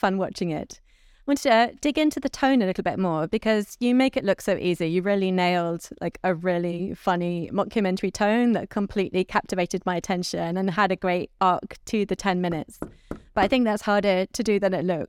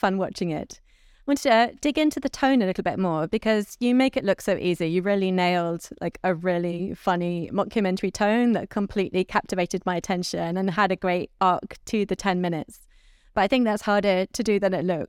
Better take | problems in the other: second | door banging; faint; at 13 s; peak 10 dB below the speech

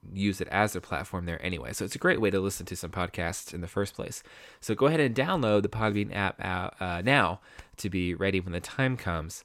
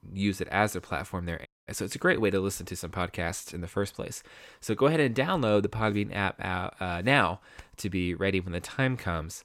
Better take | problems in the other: first | audio cutting out; at 1.5 s

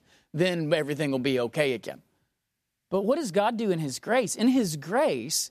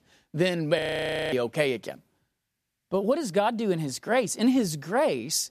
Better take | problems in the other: first | audio freezing; at 1 s for 0.5 s

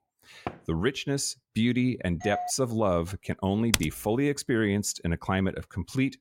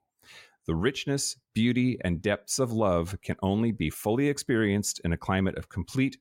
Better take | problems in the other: second | door banging; faint; at 0.5 s; peak 10 dB below the speech // doorbell; noticeable; at 2 s; peak 6 dB below the speech // keyboard typing; loud; at 3.5 s; peak level with the speech

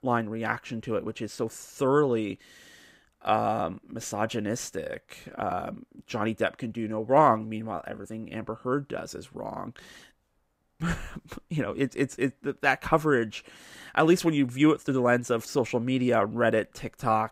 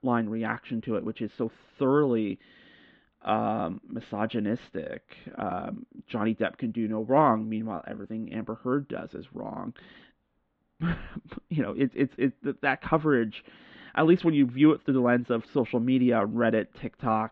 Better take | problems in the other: first | muffled; very; fading above 3.5 kHz

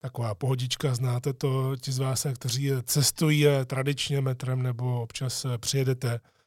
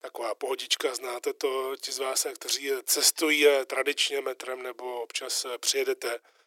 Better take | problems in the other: first | thin; very; fading below 300 Hz

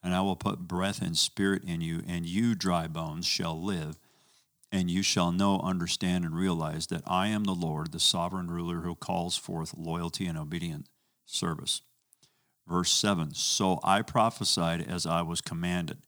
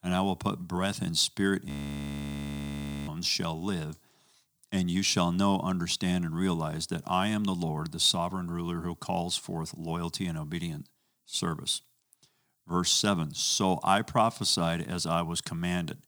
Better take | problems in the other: first | audio freezing; at 1.5 s for 1.5 s

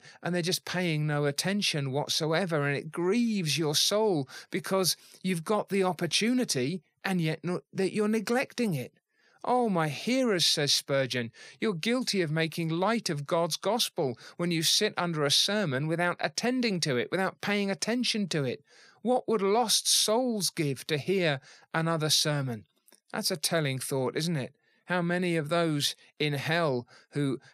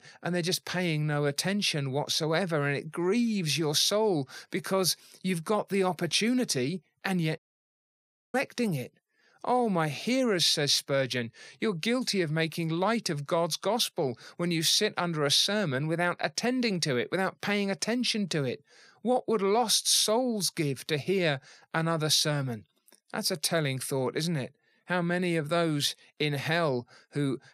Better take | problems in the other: first | audio cutting out; at 7.5 s for 1 s

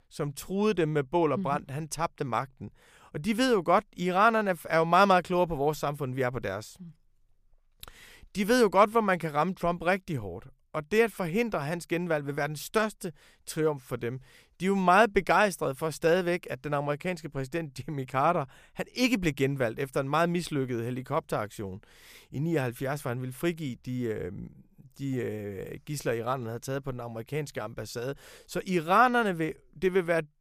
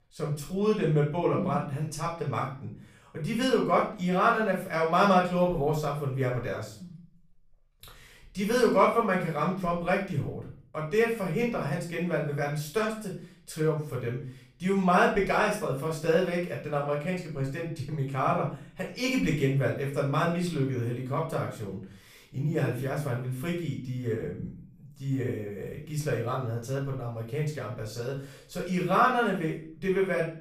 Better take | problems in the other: first | off-mic speech; far // room echo; slight; dies away in 0.4 s

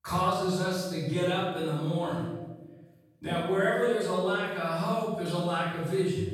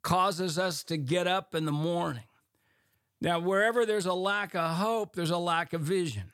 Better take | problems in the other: second | room echo; strong; dies away in 1.1 s // off-mic speech; far

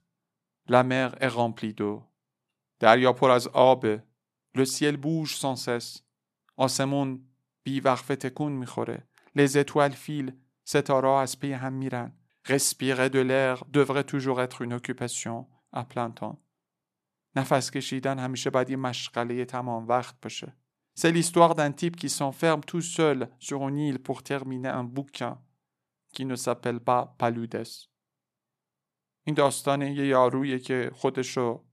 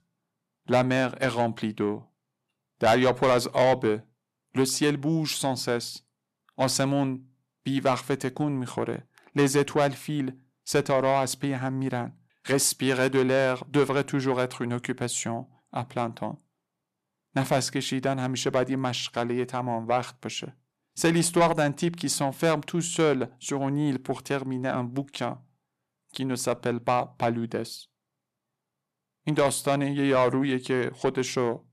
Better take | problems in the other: first | distortion; slight; 10 dB below the speech

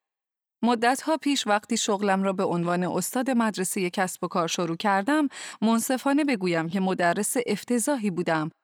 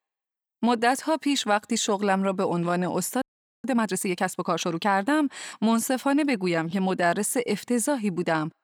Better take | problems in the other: first | audio freezing; at 3 s

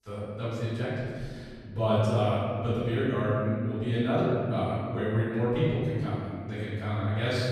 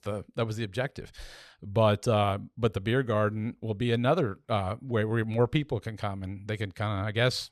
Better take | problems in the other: second | off-mic speech; far // room echo; strong; dies away in 2.2 s

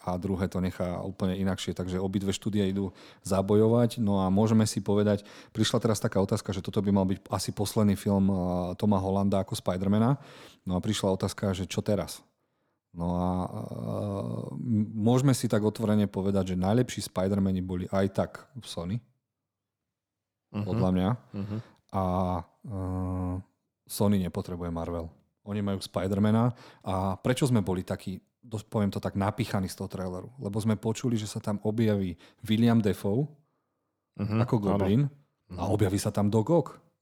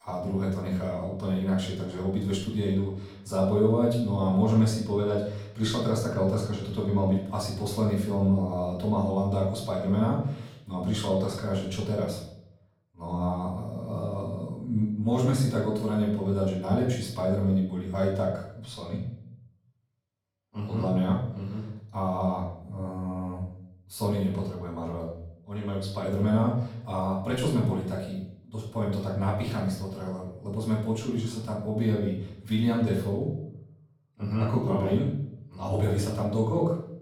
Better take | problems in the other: first | off-mic speech; far // room echo; noticeable; dies away in 0.6 s

